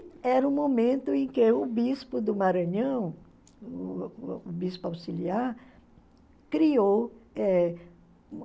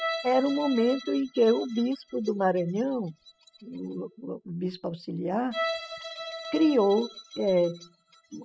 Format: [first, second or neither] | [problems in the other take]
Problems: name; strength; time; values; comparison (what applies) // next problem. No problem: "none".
first | noise reduction (classical method spectral subtraction)